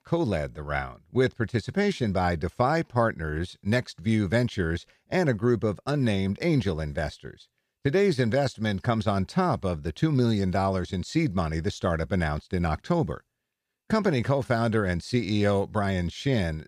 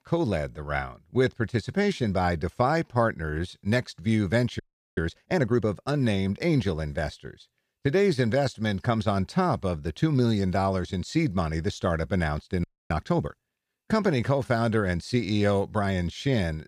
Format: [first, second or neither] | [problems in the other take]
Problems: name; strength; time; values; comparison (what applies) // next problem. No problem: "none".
first | audio freezing; at 4.5 s and at 13 s